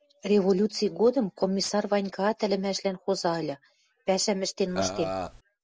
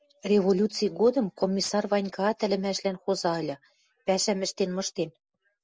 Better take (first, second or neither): second